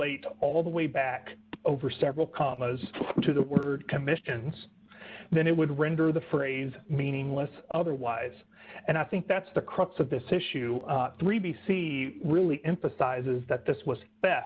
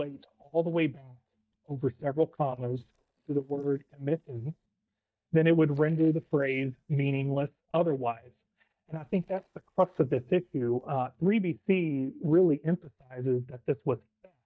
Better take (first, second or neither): first